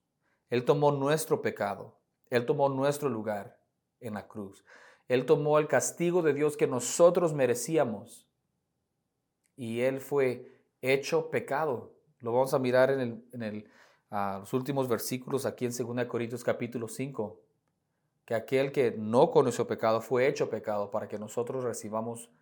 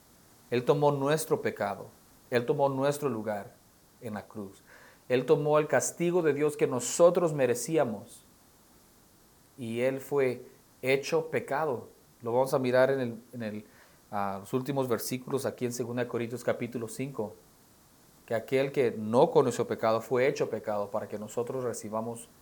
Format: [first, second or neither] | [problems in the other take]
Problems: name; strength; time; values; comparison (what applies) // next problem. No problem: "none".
first | hiss; faint; throughout; 30 dB below the speech